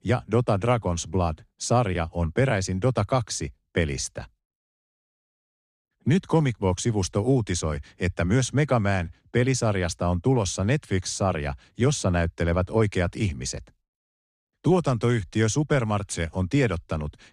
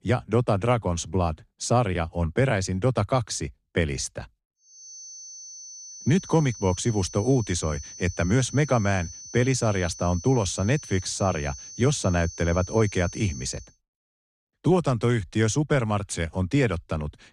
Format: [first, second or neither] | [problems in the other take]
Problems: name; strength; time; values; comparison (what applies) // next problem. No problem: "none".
first | high-pitched whine; noticeable; from 5 to 14 s; 6 kHz, 15 dB below the speech